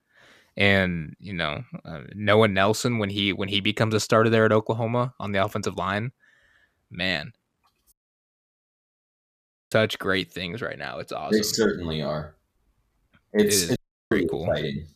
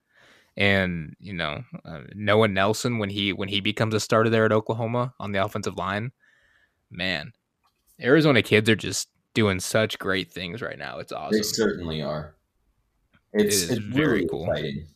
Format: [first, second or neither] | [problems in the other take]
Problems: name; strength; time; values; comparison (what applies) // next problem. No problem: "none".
second | audio cutting out; at 8 s for 2 s and at 14 s